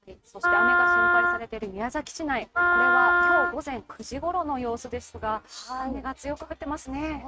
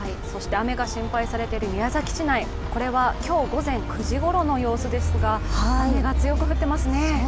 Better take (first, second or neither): second